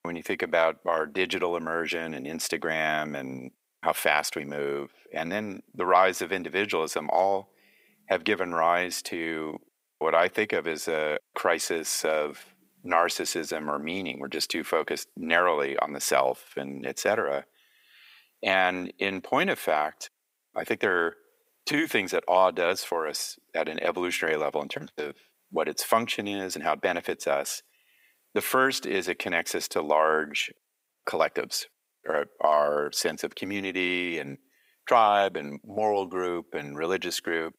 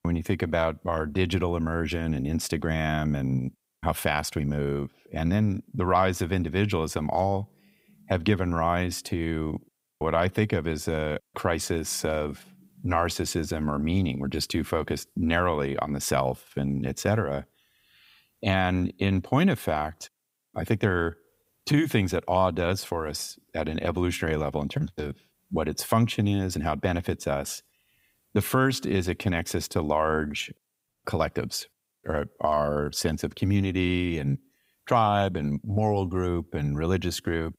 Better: second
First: thin; somewhat; fading below 450 Hz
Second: none

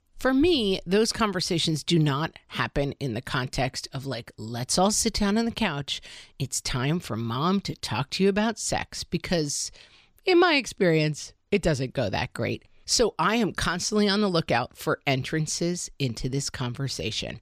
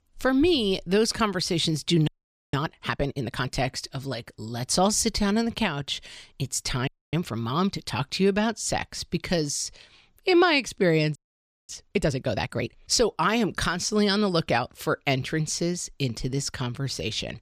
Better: first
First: none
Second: audio freezing; at 2 s, at 7 s and at 11 s for 0.5 s

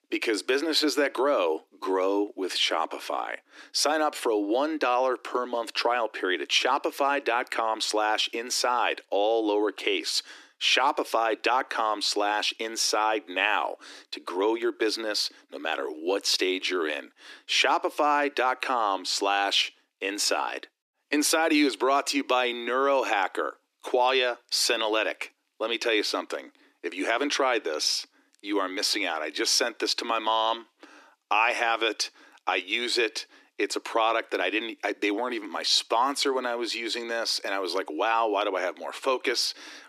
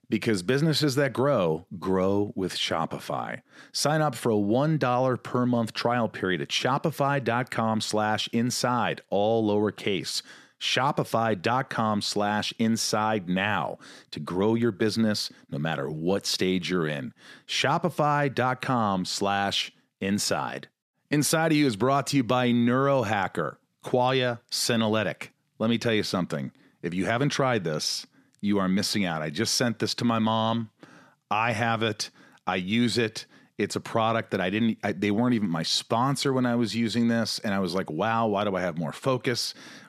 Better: second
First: thin; somewhat; fading below 300 Hz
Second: none

